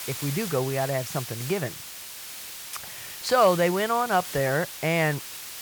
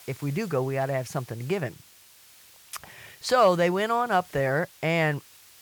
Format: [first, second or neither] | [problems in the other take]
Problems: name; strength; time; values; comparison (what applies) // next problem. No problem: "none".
second | hiss; loud; throughout; 10 dB below the speech; faint in the second